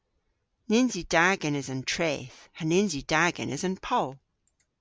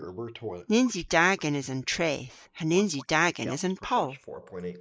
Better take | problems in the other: first | noise reduction (neural mask model Resemble Enhance denoiser)

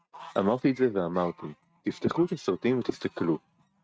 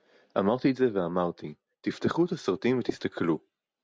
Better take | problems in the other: second | noise reduction (neural mask model RNNoise)

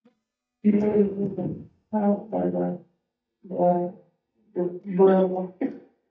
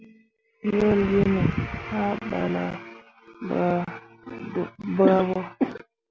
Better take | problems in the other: second | noise reduction (neural mask model DeepFilterNet 3)

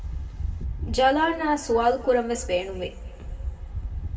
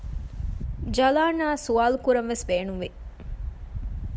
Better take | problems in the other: second | room echo; dies away in 1.6 s

